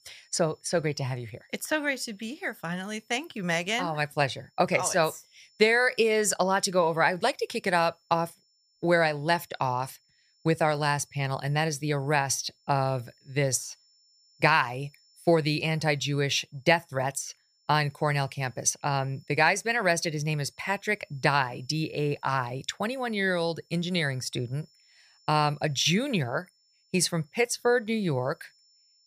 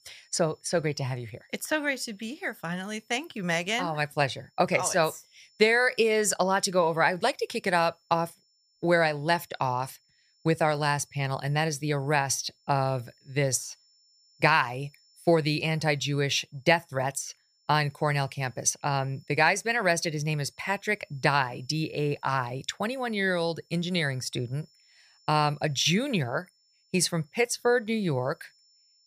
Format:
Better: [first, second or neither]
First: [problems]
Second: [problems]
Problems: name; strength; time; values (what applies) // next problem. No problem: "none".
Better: neither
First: high-pitched whine; faint; throughout; 5.5 kHz, 35 dB below the speech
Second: high-pitched whine; faint; throughout; 5.5 kHz, 35 dB below the speech